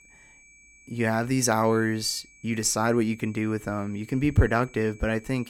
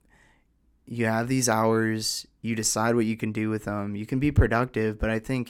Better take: second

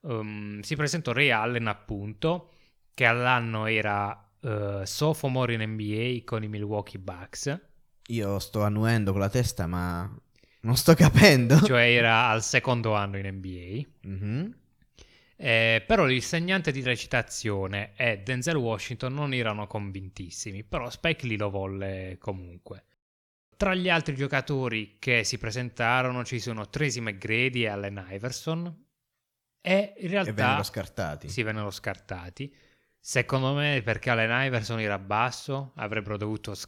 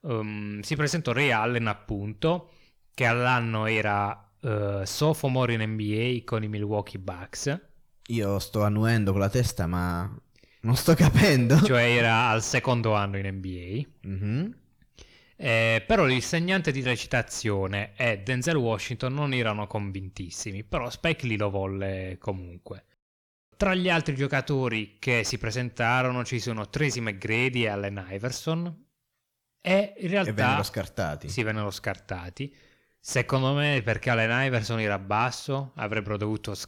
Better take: first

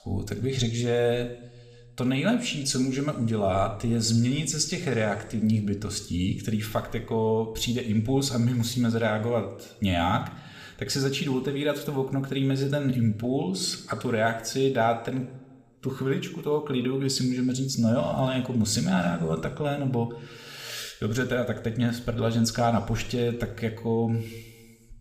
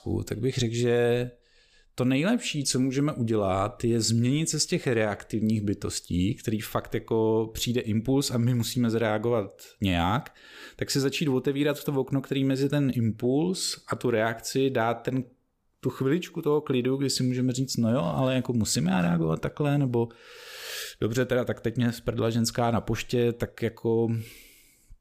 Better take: second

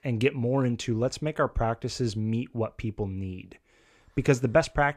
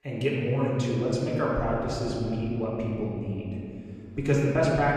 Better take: first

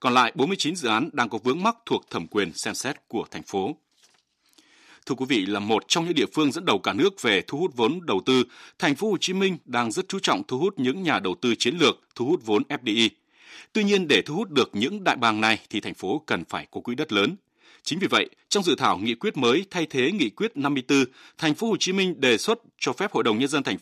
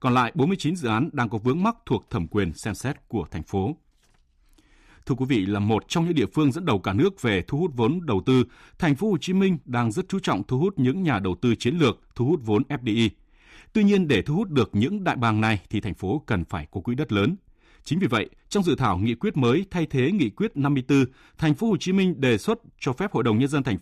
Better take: second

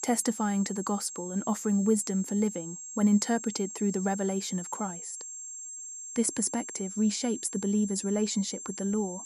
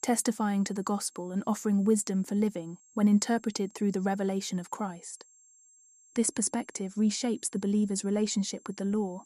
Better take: second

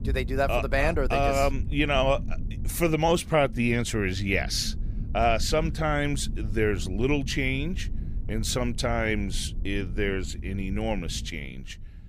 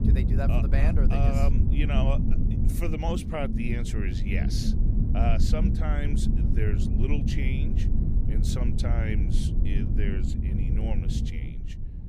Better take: first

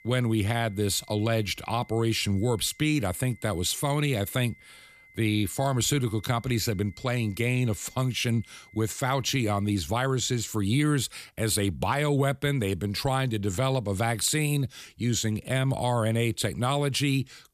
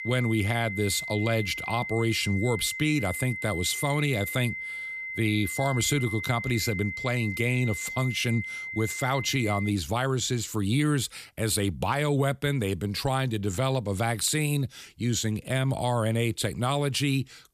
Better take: first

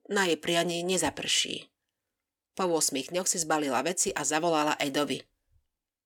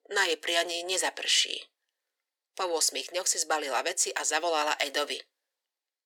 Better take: first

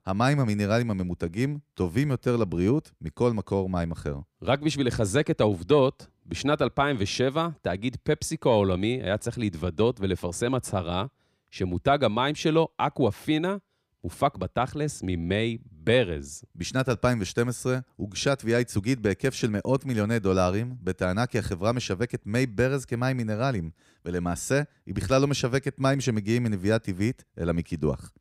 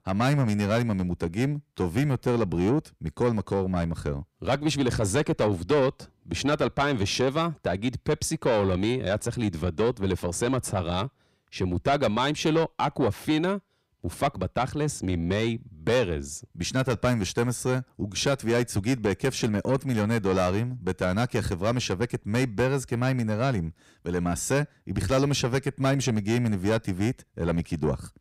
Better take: first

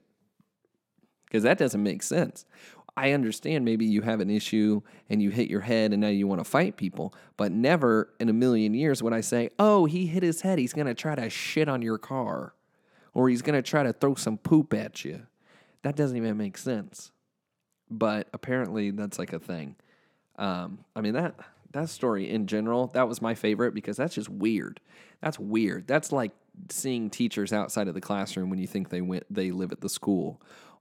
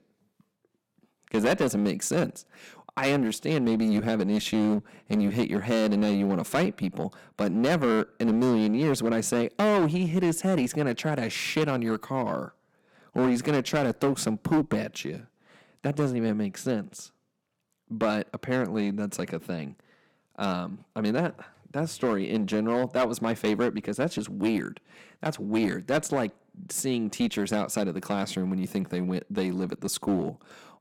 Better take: first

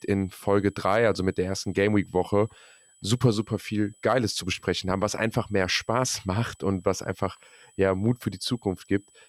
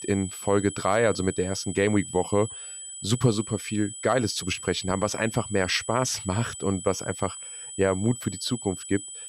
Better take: first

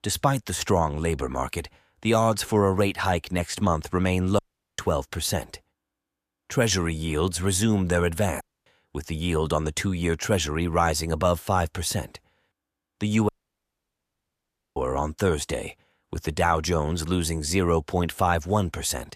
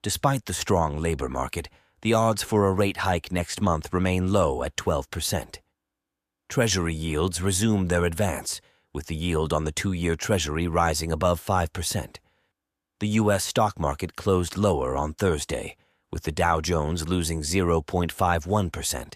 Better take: second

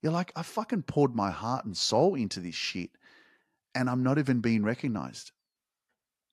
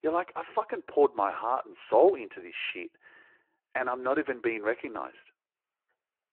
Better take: first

